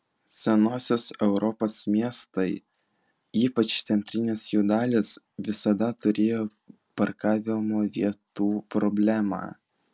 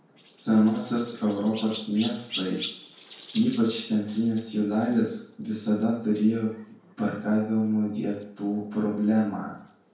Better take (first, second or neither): first